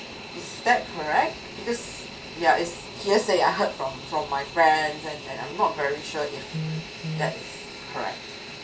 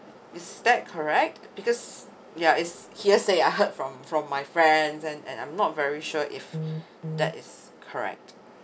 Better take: second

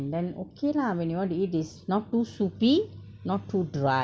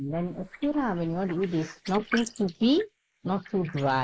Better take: first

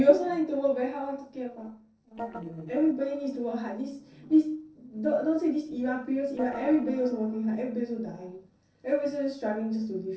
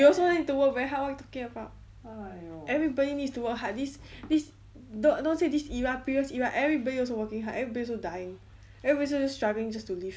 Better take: second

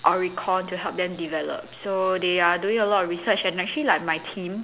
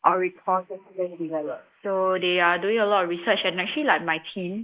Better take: first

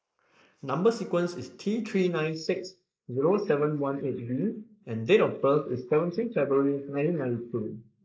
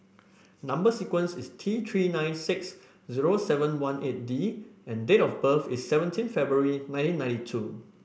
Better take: second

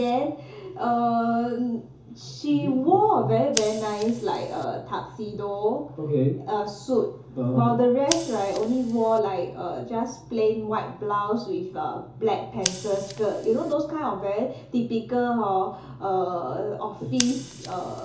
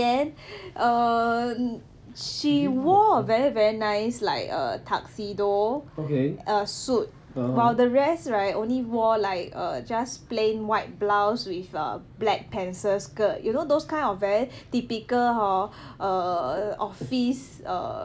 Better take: second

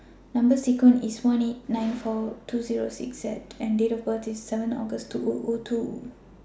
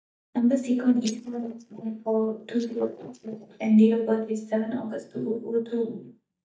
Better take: first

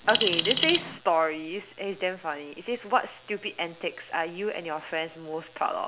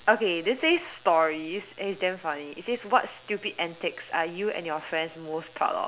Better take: second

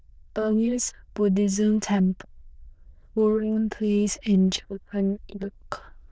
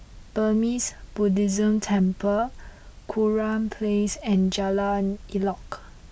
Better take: second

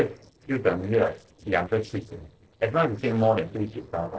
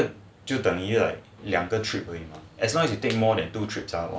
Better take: second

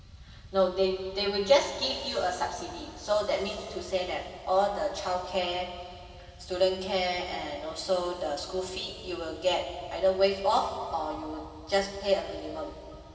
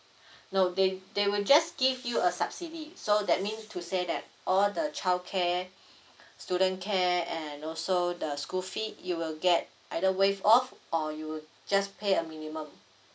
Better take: second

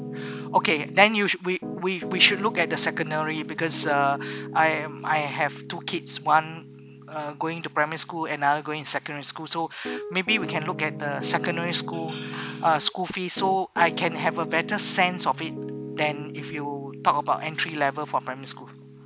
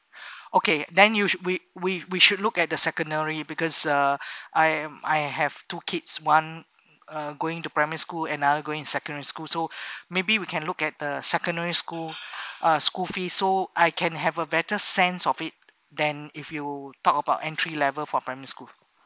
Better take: second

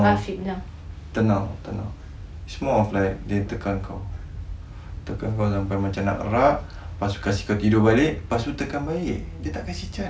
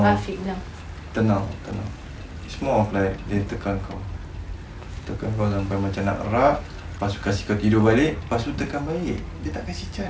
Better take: first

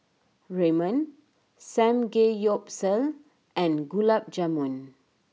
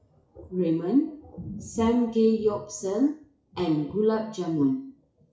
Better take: first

